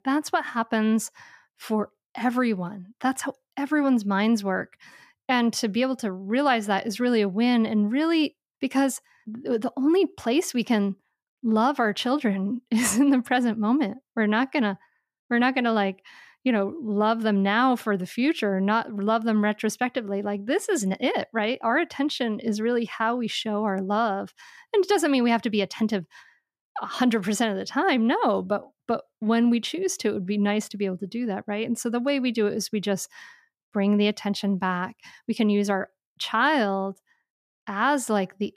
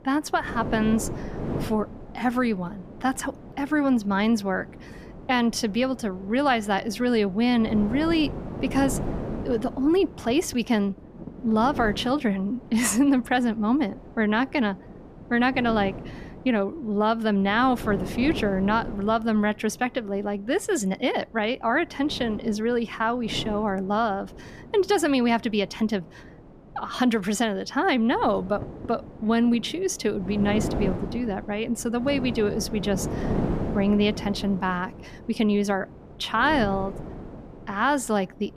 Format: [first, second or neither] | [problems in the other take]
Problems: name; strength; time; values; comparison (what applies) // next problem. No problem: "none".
first | wind noise on the microphone; occasional gusts; 15 dB below the speech